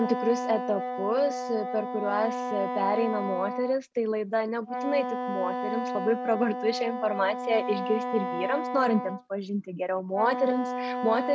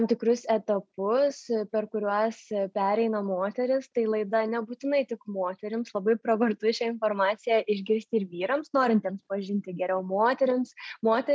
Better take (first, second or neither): second